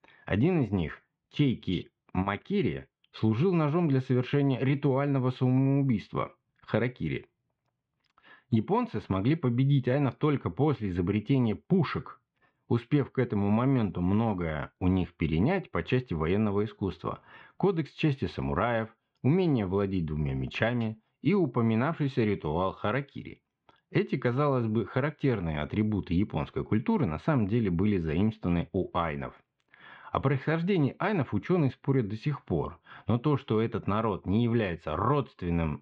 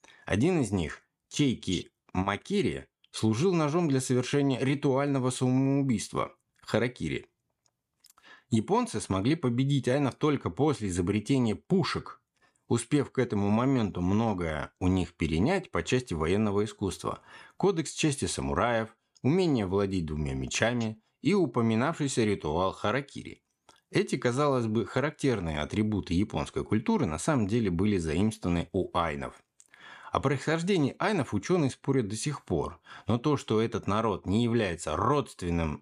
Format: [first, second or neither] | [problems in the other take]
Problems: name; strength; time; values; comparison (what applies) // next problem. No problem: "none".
second | muffled; very; fading above 3 kHz